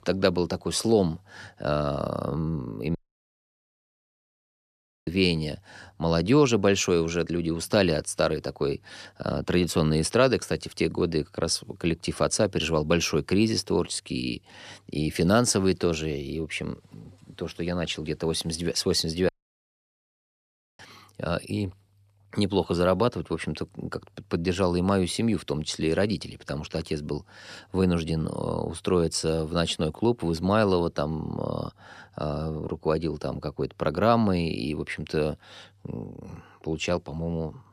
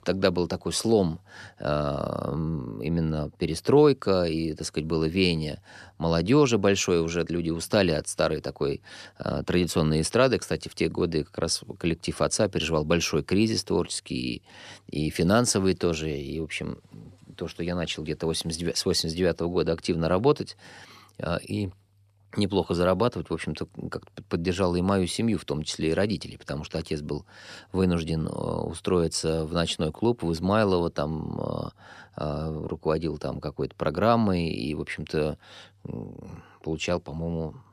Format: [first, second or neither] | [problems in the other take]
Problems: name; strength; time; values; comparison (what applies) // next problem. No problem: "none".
second | audio cutting out; at 3 s for 2 s and at 19 s for 1.5 s